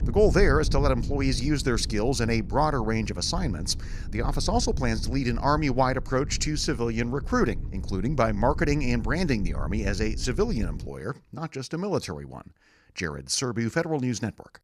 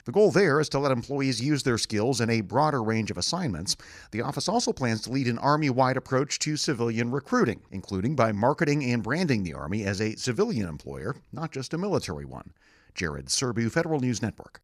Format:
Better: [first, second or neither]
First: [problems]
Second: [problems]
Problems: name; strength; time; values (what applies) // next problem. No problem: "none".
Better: second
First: low rumble; noticeable; until 11 s; 20 dB below the speech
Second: none